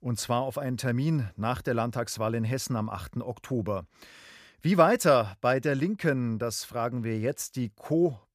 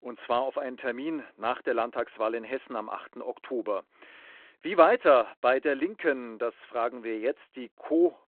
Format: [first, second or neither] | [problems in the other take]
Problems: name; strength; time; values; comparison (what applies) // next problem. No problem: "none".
first | phone-call audio